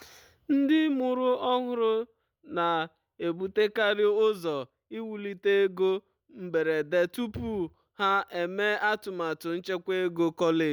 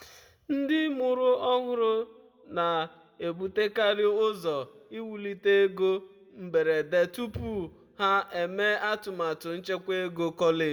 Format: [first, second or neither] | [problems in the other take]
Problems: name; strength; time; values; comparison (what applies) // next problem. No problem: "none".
first | room echo; dies away in 1.1 s